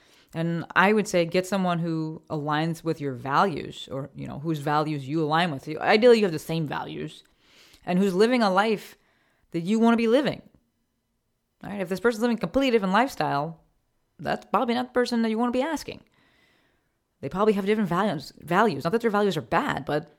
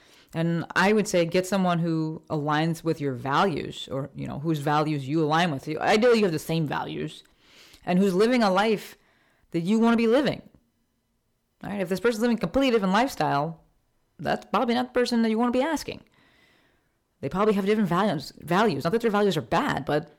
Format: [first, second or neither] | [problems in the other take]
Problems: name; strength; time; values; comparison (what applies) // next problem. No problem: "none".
first | distortion; slight; 10 dB below the speech